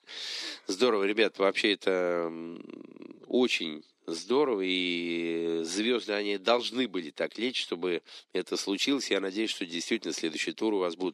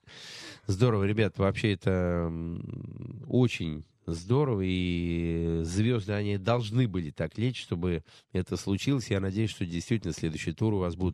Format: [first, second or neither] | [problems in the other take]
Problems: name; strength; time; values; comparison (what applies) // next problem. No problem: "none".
second | thin; somewhat; fading below 250 Hz